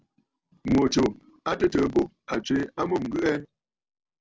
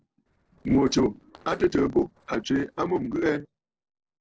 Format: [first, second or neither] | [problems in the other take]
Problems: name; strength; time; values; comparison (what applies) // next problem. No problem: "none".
first | noise reduction (neural separator model SepFormer DNS4)